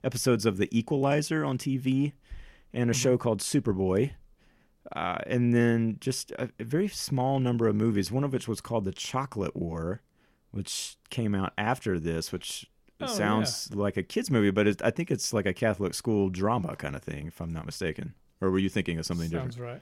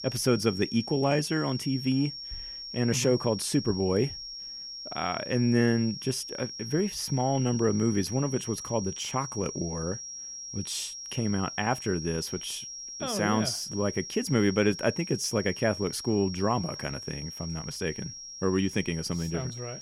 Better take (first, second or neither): first